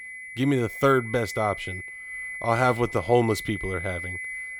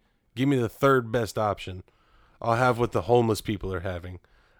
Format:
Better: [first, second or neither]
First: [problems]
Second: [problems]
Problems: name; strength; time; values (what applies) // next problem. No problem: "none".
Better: second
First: high-pitched whine; loud; throughout; 2 kHz, 9 dB below the speech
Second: none